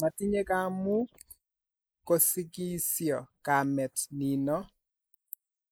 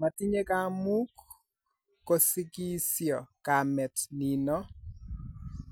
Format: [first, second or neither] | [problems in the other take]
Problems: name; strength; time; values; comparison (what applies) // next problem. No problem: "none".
second | noise reduction (neural mask model Resemble Enhance denoiser)